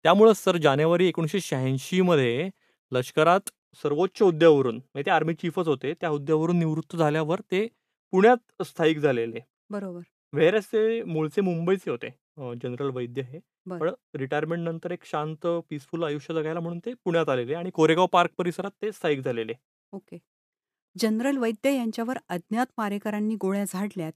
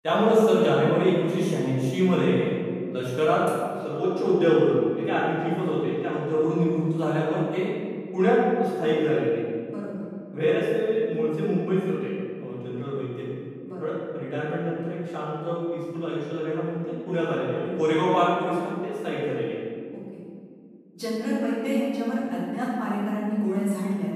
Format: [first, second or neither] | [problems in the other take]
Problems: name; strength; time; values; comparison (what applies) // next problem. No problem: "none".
first | room echo; strong; dies away in 2.2 s // off-mic speech; far